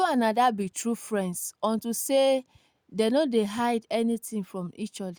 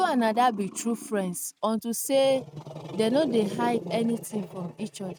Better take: first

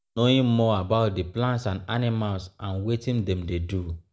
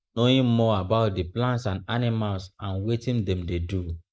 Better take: first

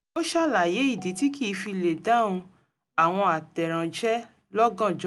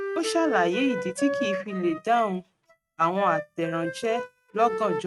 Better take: first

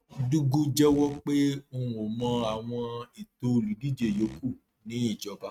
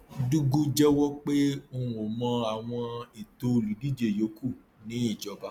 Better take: second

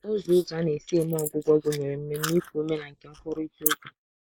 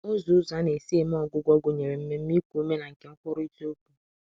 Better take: second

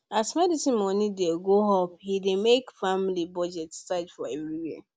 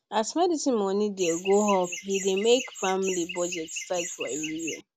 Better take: first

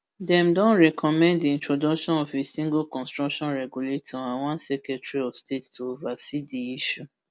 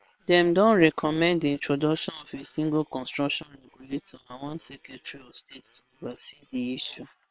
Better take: first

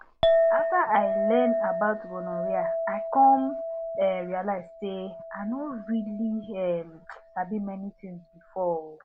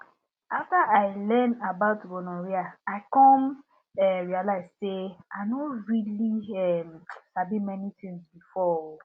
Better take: second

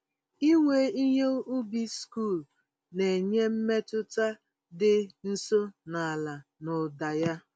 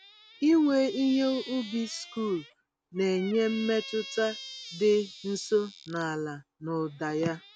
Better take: first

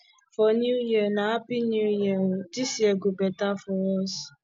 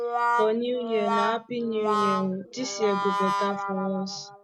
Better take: first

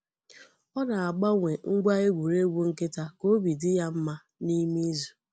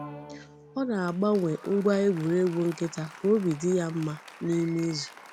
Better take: first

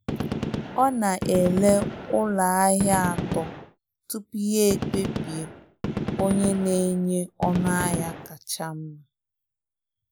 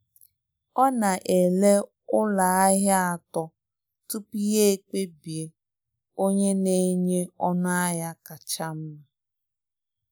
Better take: second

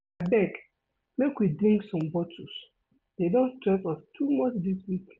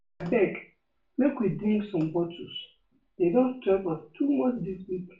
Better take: first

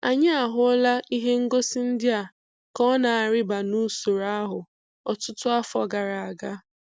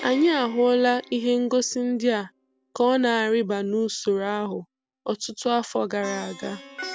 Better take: first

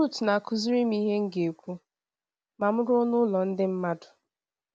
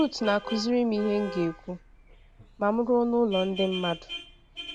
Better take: first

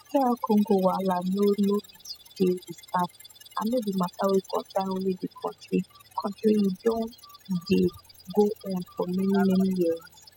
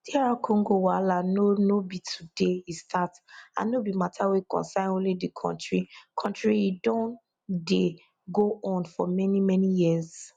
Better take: second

